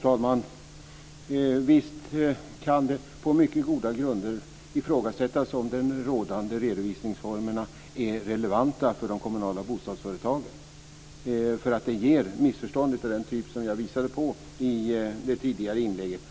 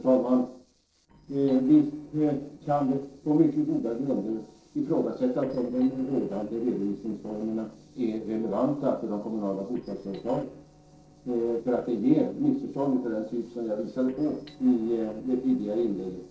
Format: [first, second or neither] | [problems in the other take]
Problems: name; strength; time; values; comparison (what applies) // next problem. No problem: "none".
first | noise reduction (neural separator model SepFormer DNS4)